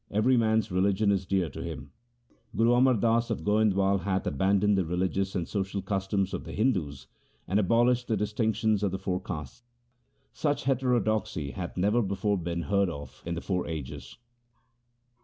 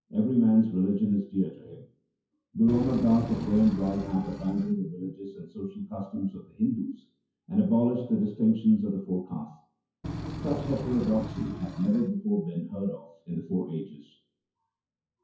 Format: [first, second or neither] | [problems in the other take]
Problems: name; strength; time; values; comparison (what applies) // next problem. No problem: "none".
first | noise reduction (classical method WPE with log-MMSE)